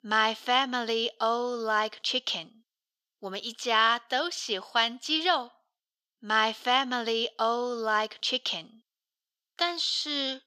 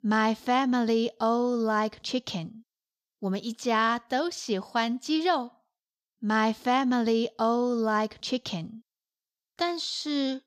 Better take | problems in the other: second | thin; somewhat; fading below 400 Hz

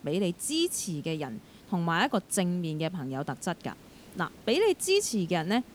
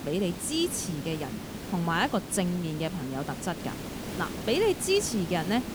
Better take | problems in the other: first | hiss; loud; throughout; 8 dB below the speech; faint in the first

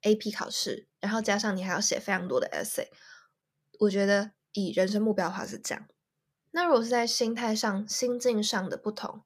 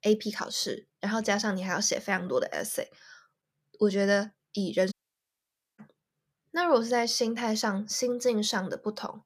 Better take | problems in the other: first | audio cutting out; at 5 s for 1 s

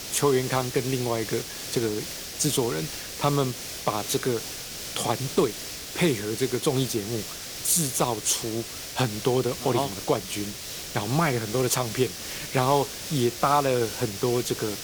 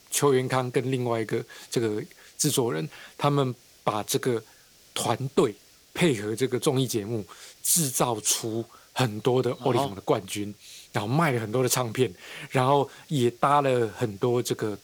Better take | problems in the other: second | hiss; loud; throughout; 7 dB below the speech; faint in the second

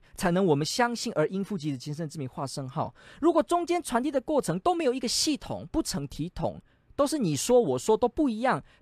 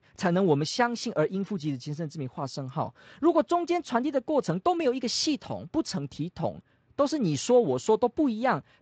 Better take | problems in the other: first | garbled, watery; slightly; nothing above 7.5 kHz

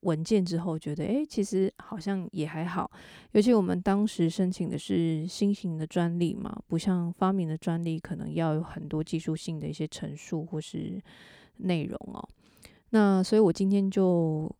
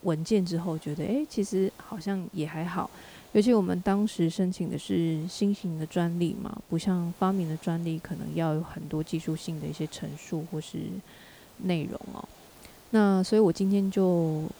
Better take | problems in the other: first | hiss; faint; throughout; 25 dB below the speech

